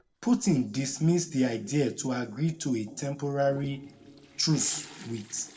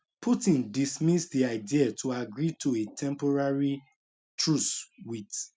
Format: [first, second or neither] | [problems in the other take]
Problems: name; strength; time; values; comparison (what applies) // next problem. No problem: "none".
second | noise reduction (neural separator model SepFormer DNS4)